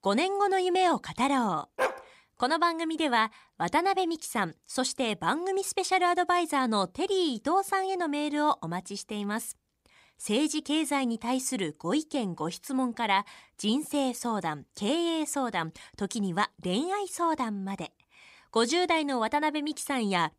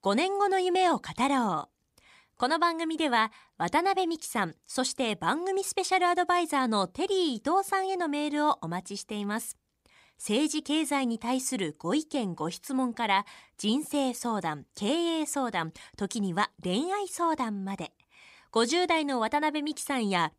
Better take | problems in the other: second | dog barking; noticeable; at 2 s; peak 2 dB below the speech

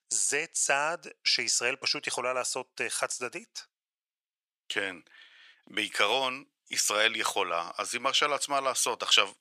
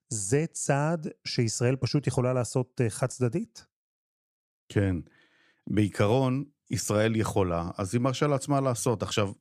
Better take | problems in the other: second | thin; very; fading below 850 Hz

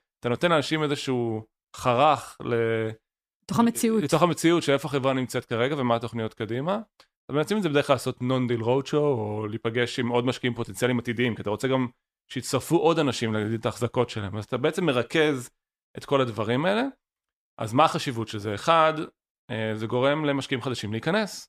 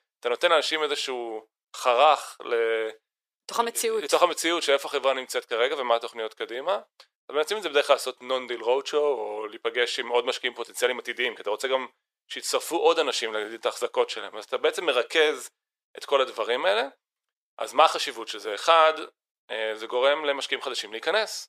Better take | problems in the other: first | thin; very; fading below 450 Hz

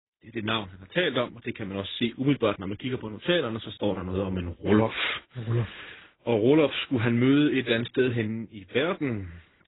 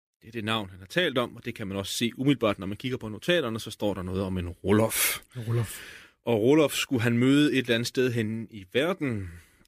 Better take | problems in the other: second | garbled, watery; badly; nothing above 4 kHz

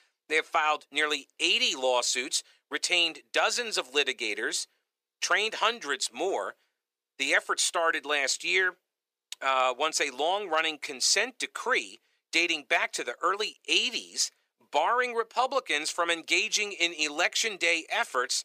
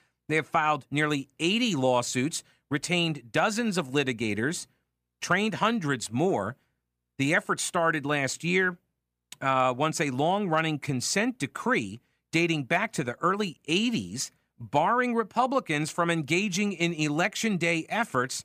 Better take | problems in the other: second | thin; very; fading below 400 Hz

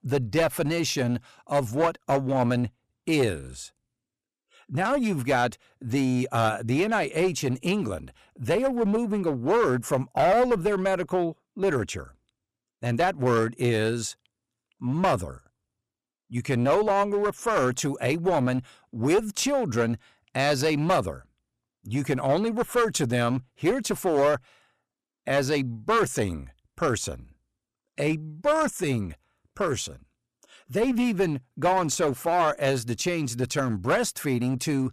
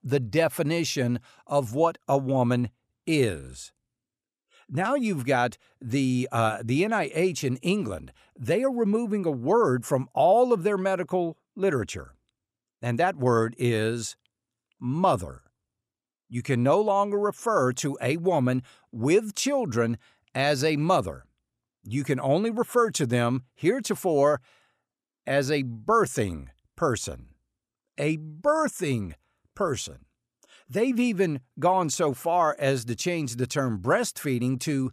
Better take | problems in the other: second | distortion; slight; 8% of the sound clipped

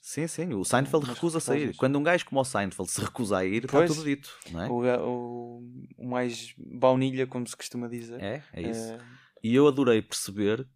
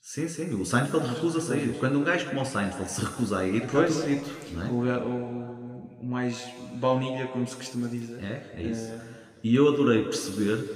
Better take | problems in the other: first | room echo; noticeable; dies away in 2 s // off-mic speech; somewhat distant

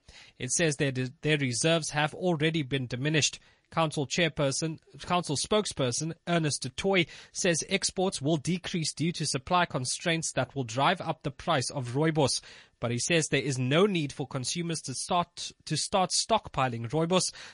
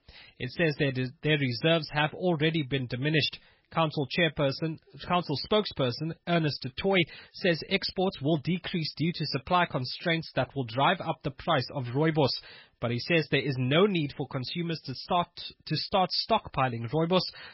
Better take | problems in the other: first | garbled, watery; badly; nothing above 5.5 kHz; slightly in the first

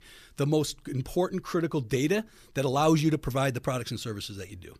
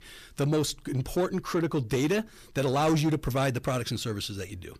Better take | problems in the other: first | distortion; slight; 10 dB below the speech

